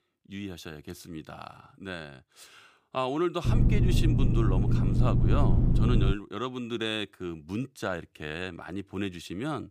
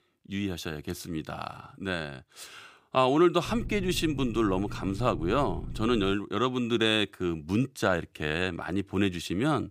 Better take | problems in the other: second | low rumble; loud; from 3.5 to 6 s; 1 dB below the speech; faint in the second

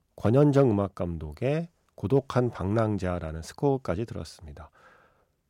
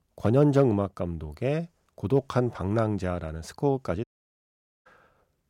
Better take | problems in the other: first | audio cutting out; at 4 s for 1 s

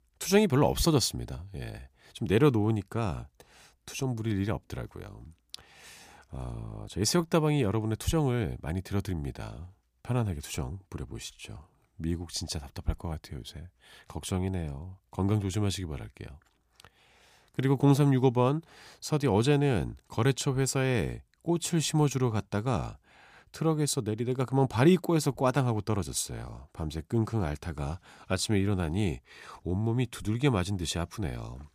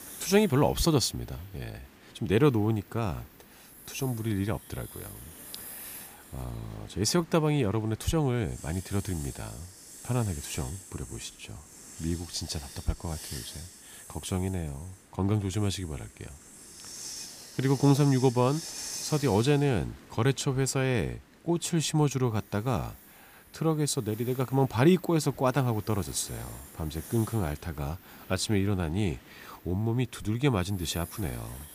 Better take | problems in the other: first | hiss; noticeable; throughout; 15 dB below the speech

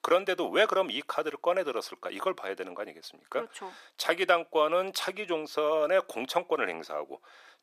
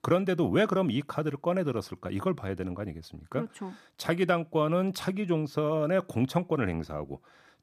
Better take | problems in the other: second | thin; very; fading below 450 Hz

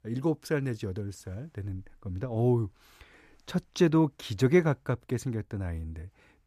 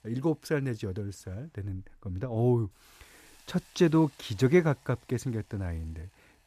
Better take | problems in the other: first | hiss; faint; throughout; 30 dB below the speech

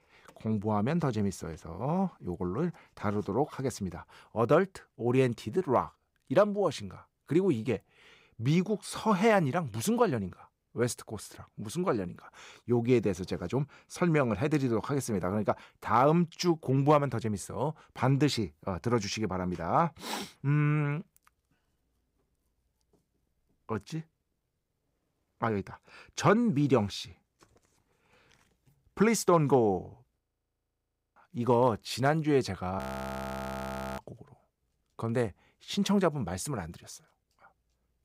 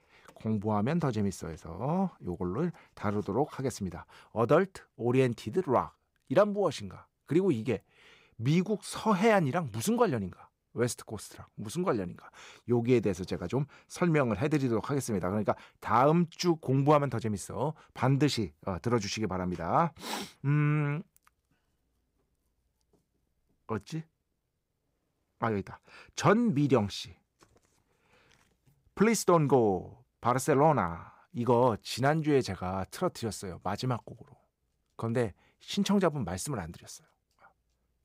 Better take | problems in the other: second | audio freezing; at 30 s for 1 s and at 33 s for 1 s

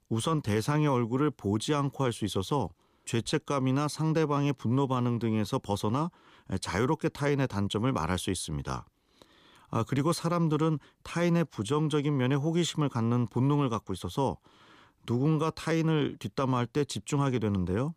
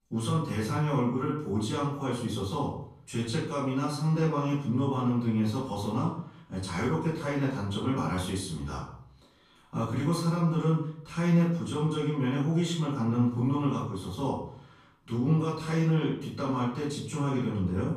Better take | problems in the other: first | off-mic speech; far // room echo; noticeable; dies away in 0.5 s

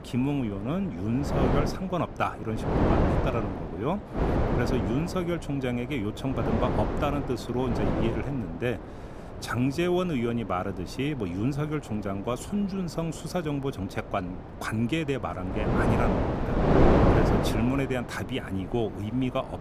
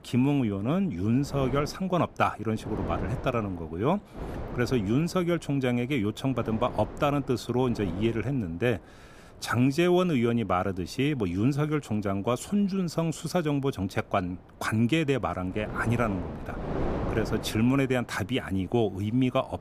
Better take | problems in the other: second | wind noise on the microphone; heavy; 2 dB above the speech; occasional gusts in the second

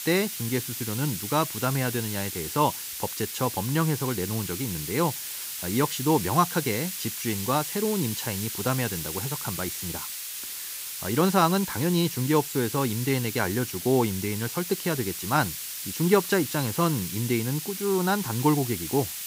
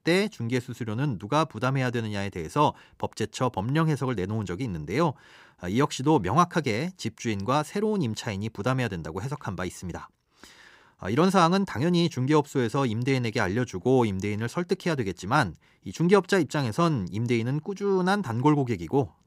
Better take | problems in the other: second | hiss; loud; throughout; 5 dB below the speech

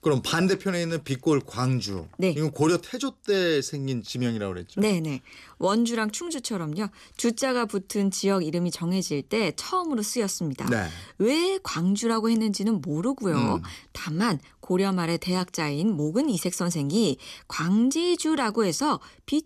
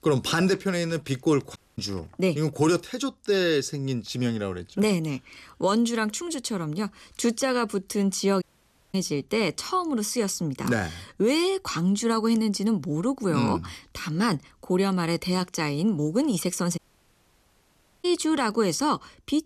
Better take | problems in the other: first | audio cutting out; at 1.5 s, at 8.5 s for 0.5 s and at 17 s for 1.5 s

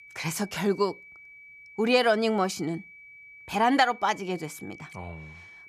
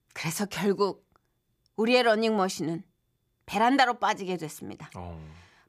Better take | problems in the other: second | high-pitched whine; faint; throughout; 2.5 kHz, 20 dB below the speech

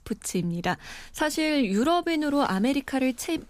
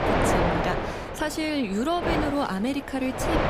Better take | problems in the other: first | wind noise on the microphone; heavy; 2 dB above the speech

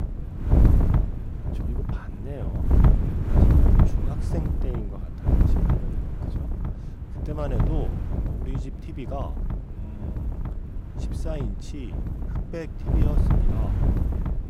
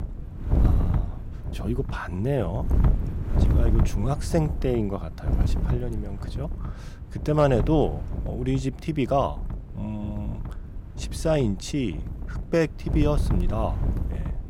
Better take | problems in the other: second | wind noise on the microphone; heavy; 3 dB above the speech; occasional gusts in the second

